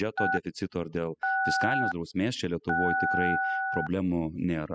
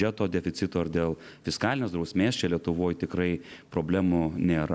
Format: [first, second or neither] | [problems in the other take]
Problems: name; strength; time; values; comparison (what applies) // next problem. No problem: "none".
second | noise reduction (classical method spectral subtraction)